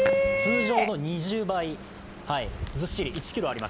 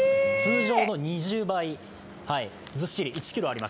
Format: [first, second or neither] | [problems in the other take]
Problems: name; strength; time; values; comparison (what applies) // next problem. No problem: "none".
second | background sound (Hands); 13 dB below the speech